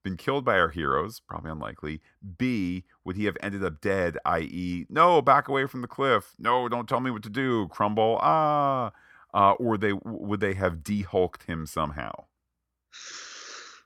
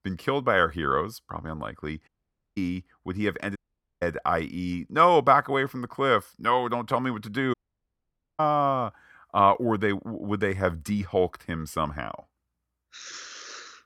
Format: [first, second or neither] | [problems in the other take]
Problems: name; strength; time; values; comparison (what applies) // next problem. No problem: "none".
first | audio cutting out; at 2 s, at 3.5 s and at 7.5 s for 1 s